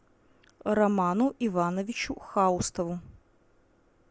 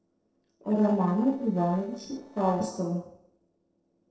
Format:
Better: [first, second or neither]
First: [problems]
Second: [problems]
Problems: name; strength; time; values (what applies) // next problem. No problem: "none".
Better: first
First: none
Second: noise reduction (neural separator model SepFormer DNS4)